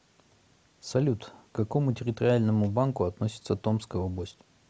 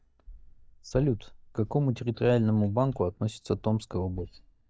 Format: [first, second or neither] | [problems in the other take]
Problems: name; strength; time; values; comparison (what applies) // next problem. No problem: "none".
first | noise reduction (neural mask model DeepFilterNet 3)